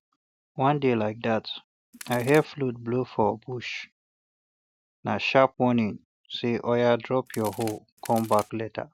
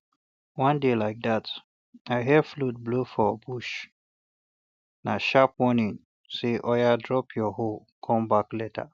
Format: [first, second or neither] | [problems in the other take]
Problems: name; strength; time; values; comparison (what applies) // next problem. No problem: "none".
second | background sound (Crack); 16 dB below the speech